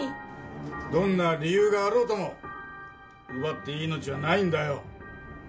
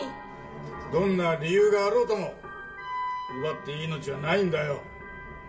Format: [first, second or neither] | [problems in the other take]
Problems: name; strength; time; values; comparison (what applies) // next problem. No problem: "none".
first | background sound (Wind instrument, woodwind instrument); 14 dB below the speech // room echo; dies away in 1.9 s